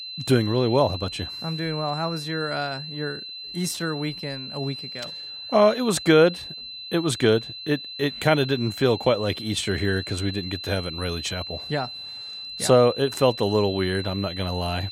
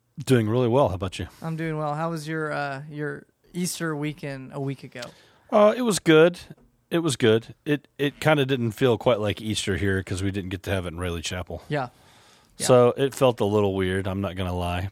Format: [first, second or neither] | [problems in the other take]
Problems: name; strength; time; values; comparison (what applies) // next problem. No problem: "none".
second | high-pitched whine; loud; throughout; 4 kHz, 9 dB below the speech